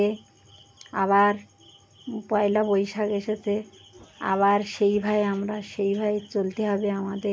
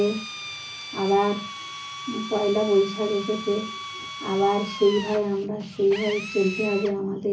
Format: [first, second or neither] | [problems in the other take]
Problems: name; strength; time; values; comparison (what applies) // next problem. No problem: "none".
first | background sound (Drill); 11 dB below the speech // room echo; dies away in 0.5 s